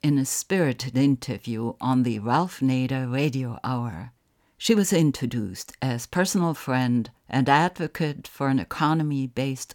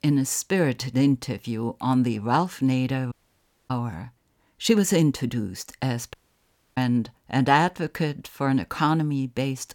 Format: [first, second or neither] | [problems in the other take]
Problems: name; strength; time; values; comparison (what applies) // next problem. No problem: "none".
first | audio cutting out; at 3 s for 0.5 s and at 6 s for 0.5 s